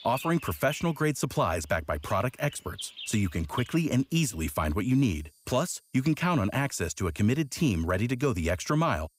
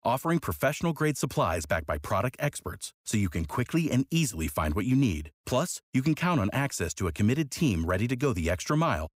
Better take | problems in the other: second | animal sounds; noticeable; throughout; 15 dB below the speech

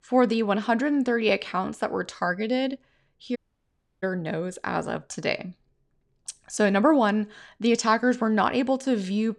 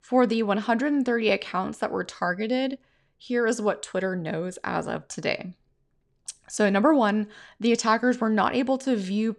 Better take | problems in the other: second | audio cutting out; at 3.5 s for 0.5 s

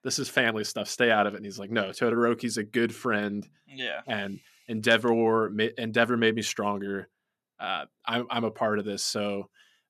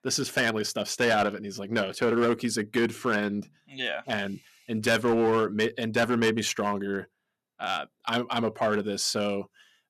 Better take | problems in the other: first | distortion; slight; 5% of the sound clipped

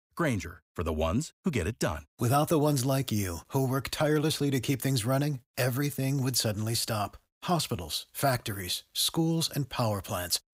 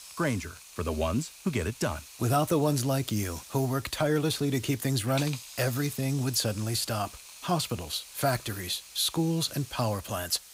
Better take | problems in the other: first | hiss; noticeable; throughout; 15 dB below the speech

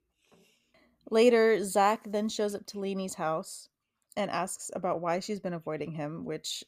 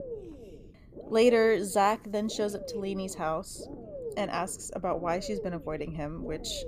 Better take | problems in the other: first | low rumble; noticeable; throughout; 15 dB below the speech

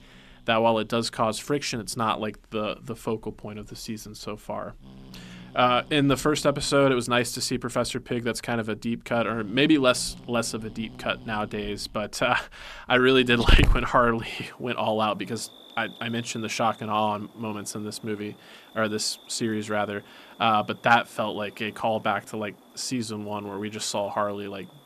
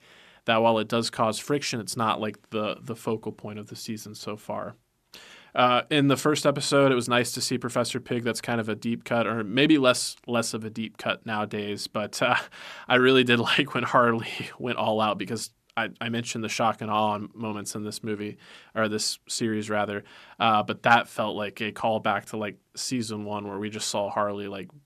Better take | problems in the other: second | animal sounds; loud; throughout; 10 dB below the speech

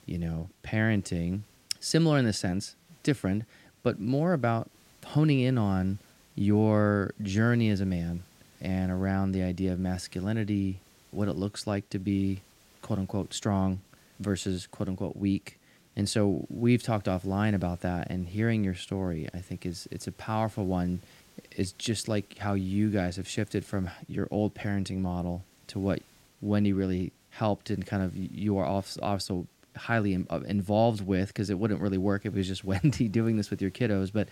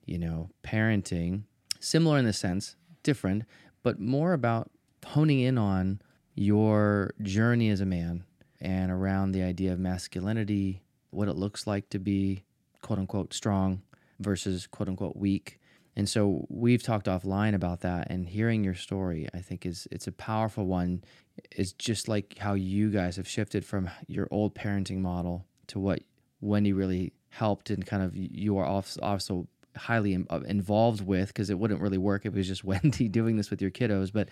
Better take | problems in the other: second | hiss; faint; throughout; 30 dB below the speech

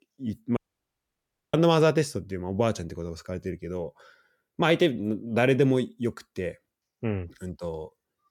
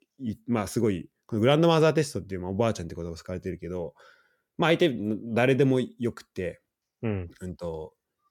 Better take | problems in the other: second | audio cutting out; at 0.5 s for 1 s

